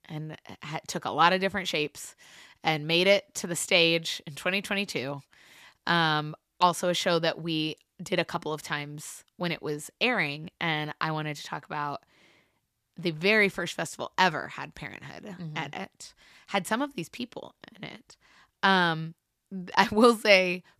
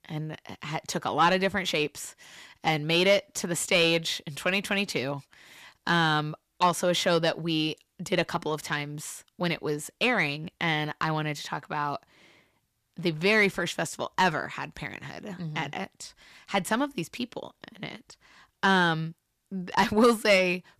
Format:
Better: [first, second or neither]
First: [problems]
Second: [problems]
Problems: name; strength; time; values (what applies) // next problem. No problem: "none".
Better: first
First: none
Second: distortion; slight; 10 dB below the speech